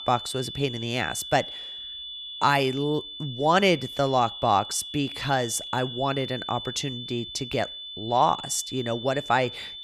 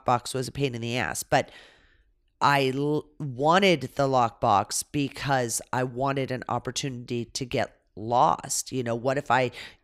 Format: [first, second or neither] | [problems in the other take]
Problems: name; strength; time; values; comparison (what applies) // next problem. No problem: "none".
second | high-pitched whine; loud; throughout; 3.5 kHz, 9 dB below the speech